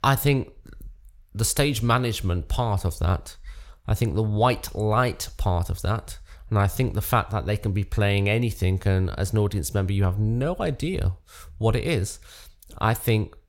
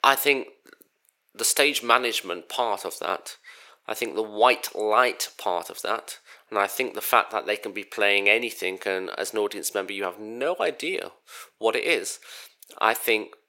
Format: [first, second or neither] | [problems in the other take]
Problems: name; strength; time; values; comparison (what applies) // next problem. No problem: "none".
first | thin; very; fading below 350 Hz